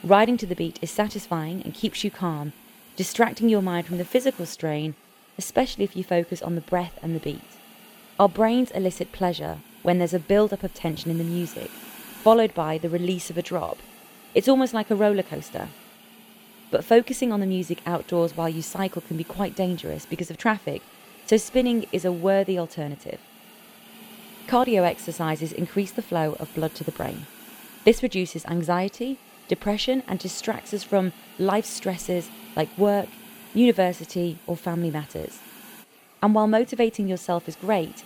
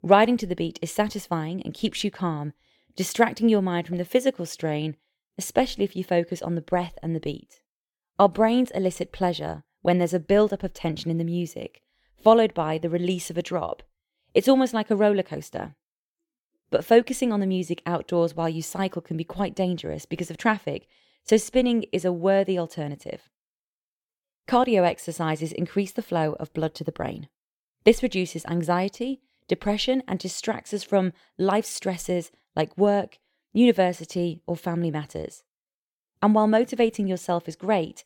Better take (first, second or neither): second